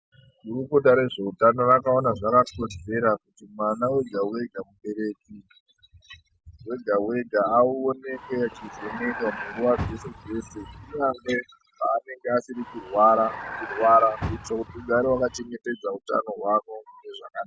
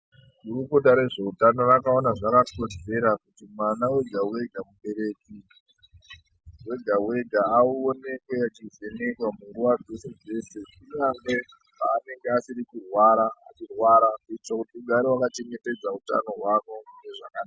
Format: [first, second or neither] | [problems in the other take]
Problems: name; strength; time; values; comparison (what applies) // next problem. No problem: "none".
second | background sound (Vehicle); 11 dB below the speech